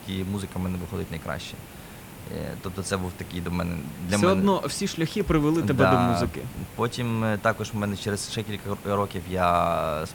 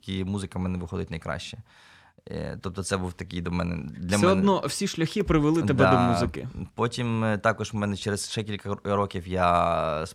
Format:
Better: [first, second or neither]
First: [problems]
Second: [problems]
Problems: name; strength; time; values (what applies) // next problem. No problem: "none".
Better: second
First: hiss; noticeable; throughout; 15 dB below the speech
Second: none